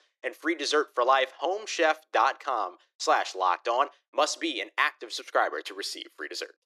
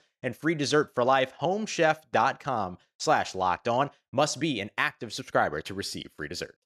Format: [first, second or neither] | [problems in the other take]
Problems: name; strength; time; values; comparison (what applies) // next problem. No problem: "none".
second | thin; very; fading below 300 Hz